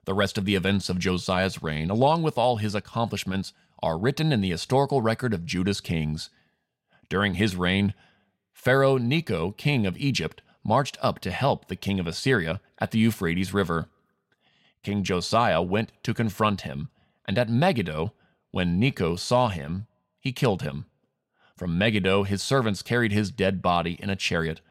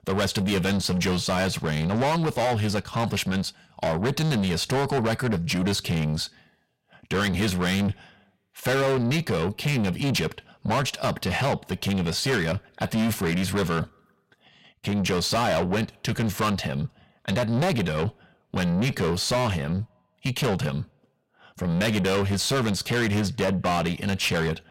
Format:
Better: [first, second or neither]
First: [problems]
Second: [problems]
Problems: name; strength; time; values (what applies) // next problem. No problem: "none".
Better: first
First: none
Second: distortion; heavy; 6 dB below the speech